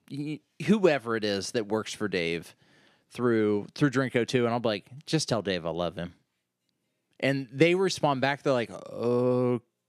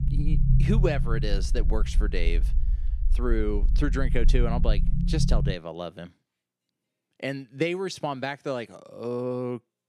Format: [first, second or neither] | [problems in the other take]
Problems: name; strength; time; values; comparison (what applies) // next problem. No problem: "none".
first | low rumble; loud; until 5.5 s; 10 dB below the speech